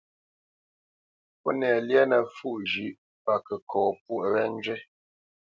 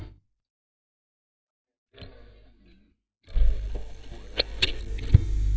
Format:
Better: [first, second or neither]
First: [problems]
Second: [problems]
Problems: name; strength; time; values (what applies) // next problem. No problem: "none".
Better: first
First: none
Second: noise reduction (neural mask model DeepFilterNet 3)